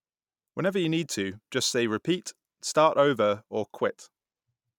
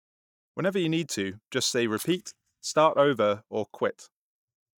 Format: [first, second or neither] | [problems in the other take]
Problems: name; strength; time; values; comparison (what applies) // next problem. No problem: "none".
first | noise reduction (neural mask model DeepFilterNet 3)